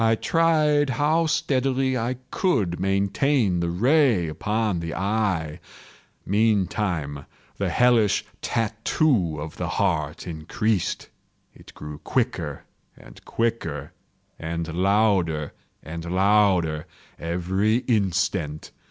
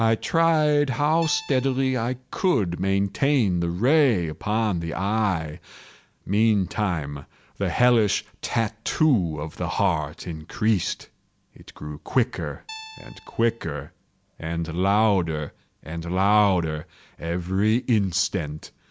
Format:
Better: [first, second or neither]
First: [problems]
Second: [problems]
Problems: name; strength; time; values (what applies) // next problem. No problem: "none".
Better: first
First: none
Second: background sound (Guitar); 18 dB below the speech